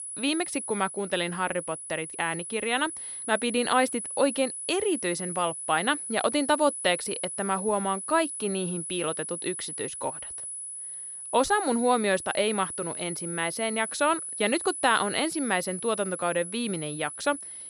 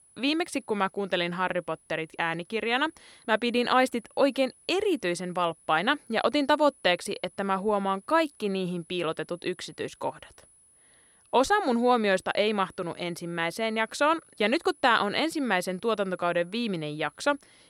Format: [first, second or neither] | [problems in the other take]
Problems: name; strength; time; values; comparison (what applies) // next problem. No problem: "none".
second | high-pitched whine; loud; throughout; 10 kHz, 6 dB below the speech; faint in the second